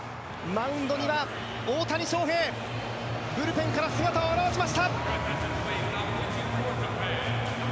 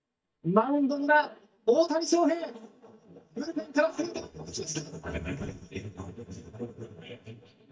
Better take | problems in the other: first | noise reduction (neural mask model DeepFilterNet 3)

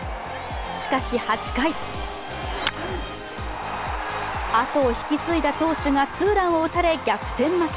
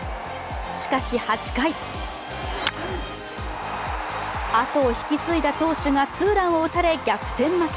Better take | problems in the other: second | background sound (Animal); 17 dB below the speech

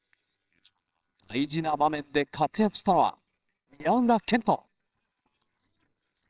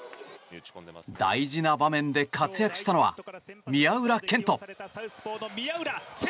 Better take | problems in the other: second | noise reduction (neural separator model SepFormer WHAMR!)

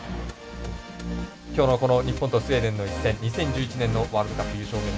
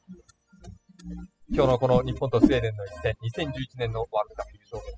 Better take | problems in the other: first | noise reduction (classical method spectral subtraction)

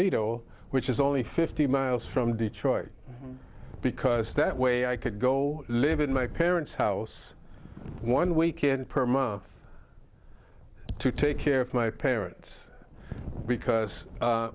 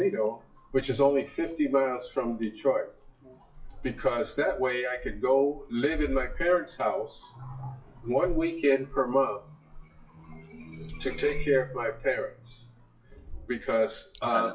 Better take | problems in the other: first | noise reduction (classical method WPE with log-MMSE)

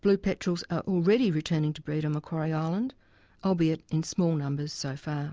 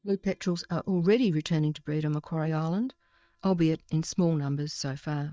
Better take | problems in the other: first | noise reduction (neural mask model DeepFilterNet 3)

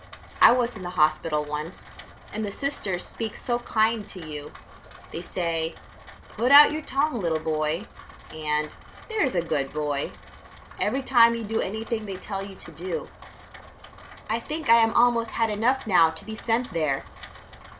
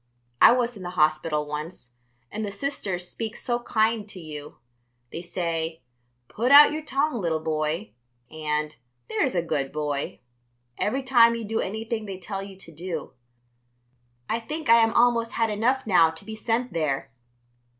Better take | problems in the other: second | background sound (Rain); 18 dB below the speech

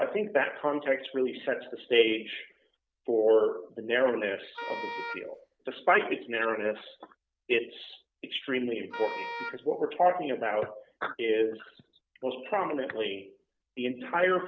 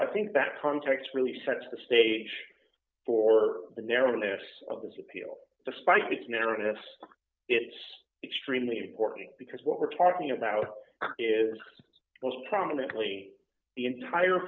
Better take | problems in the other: second | background sound (Wind instrument, woodwind instrument); 10 dB below the speech

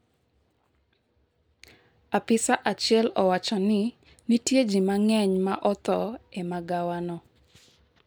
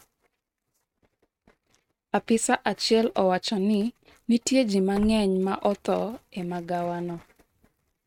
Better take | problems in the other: first | noise reduction (neural mask model RNNoise)

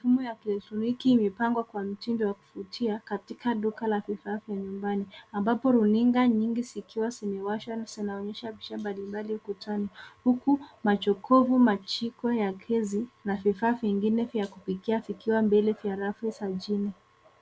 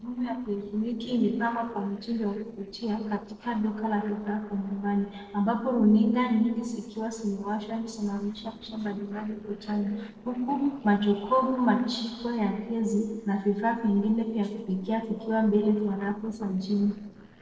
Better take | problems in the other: first | noise reduction (neural separator model SepFormer DNS4)

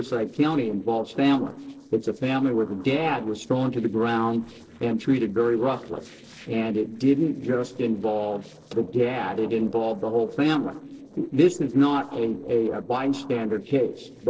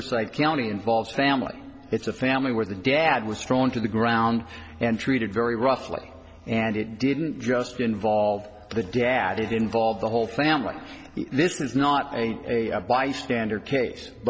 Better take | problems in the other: second | noise reduction (neural separator model SepFormer DNS4)

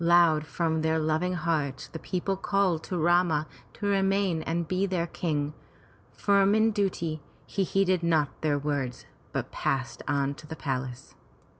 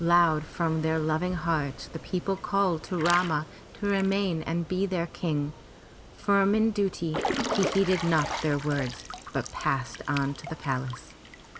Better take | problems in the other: first | background sound (Drip / Trickle, dribble / Water / Splash, splatter); 10 dB below the speech

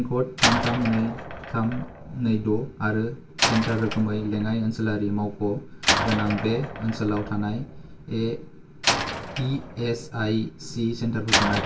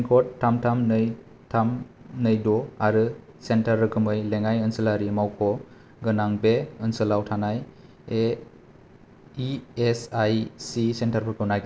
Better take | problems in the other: second | background sound (Slam); 4 dB below the speech // room echo; dies away in 0.1 s

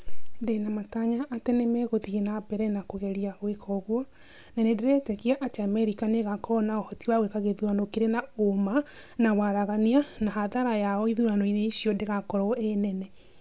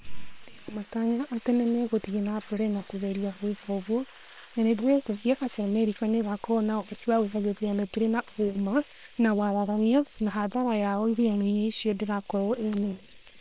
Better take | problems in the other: first | noise reduction (neural separator model SepFormer WHAM!)

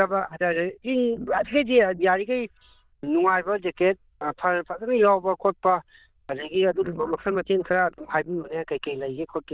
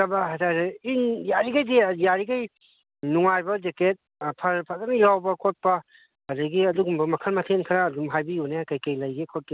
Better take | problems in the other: second | noise reduction (neural diffusion model UNIVERSE++)

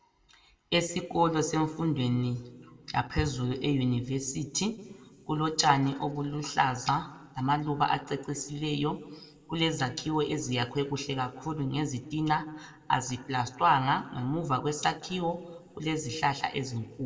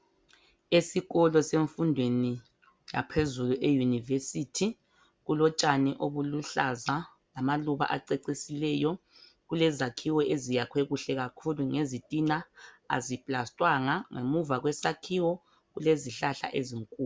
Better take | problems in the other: second | room echo; dies away in 0.7 s

